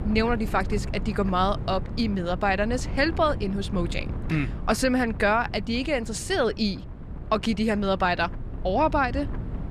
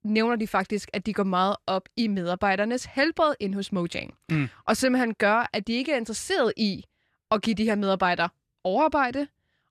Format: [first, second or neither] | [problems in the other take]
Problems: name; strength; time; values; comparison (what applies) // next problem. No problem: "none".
second | wind noise on the microphone; occasional gusts; 20 dB below the speech